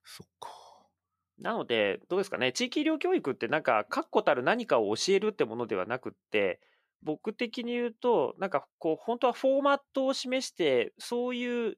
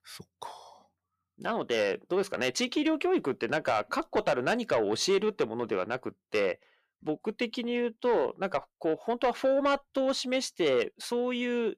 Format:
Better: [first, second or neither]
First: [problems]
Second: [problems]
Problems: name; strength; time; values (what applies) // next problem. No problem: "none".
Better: first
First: none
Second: distortion; slight; 10 dB below the speech